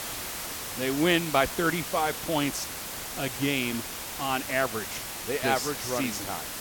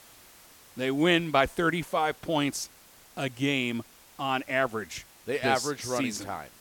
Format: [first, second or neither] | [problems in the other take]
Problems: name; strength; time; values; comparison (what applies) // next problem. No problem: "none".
second | hiss; loud; throughout; 5 dB below the speech; faint in the second